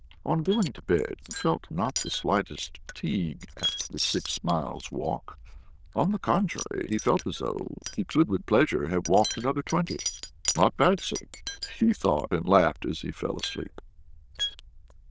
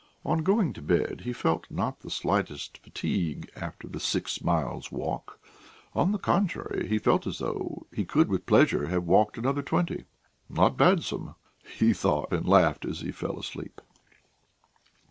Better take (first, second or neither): second